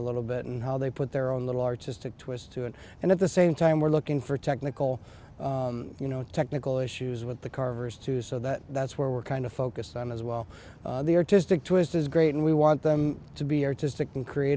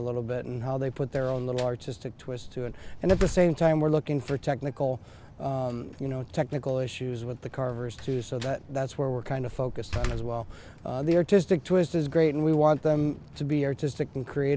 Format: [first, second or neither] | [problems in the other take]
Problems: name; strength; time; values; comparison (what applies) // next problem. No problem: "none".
first | background sound (Slam); 13 dB below the speech